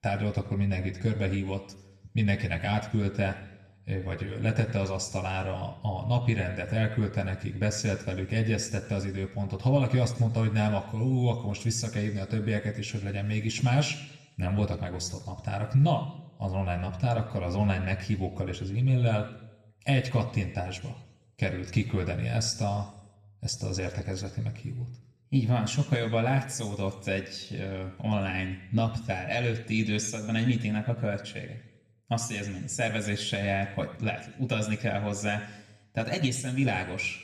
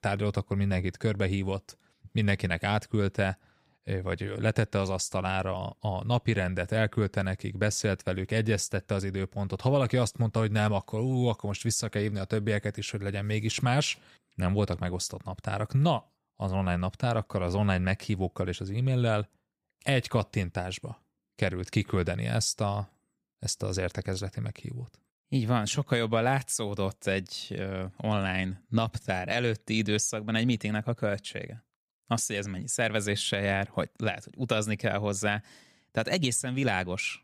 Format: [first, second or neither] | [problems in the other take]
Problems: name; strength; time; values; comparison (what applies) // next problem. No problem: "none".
second | room echo; slight; dies away in 0.9 s // off-mic speech; somewhat distant